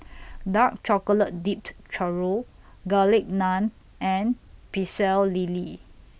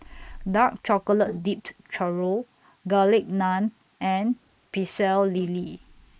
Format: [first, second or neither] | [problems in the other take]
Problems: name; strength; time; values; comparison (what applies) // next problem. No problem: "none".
first | noise reduction (neural mask model Resemble Enhance denoiser)